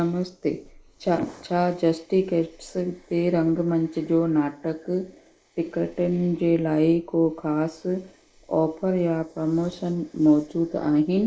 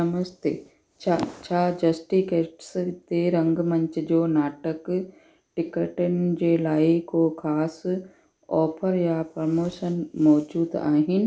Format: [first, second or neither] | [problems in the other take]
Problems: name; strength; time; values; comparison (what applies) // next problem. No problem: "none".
second | noise reduction (neural mask model Resemble Enhance denoiser)